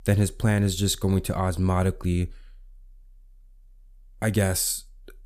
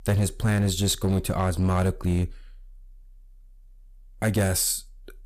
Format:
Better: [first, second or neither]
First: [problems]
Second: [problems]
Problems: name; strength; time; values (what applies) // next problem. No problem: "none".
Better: first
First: none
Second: distortion; slight; 6% of the sound clipped